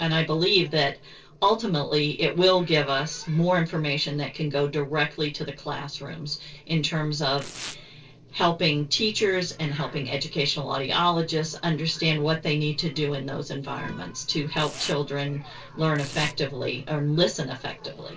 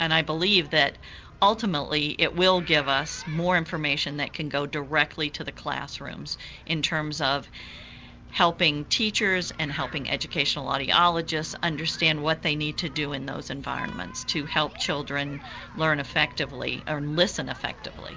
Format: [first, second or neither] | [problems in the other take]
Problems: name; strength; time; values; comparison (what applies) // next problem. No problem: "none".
second | noise reduction (neural separator model SepFormer DNS4)